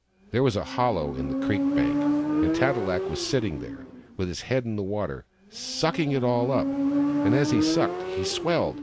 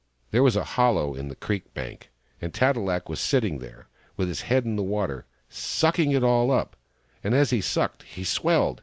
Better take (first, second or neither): second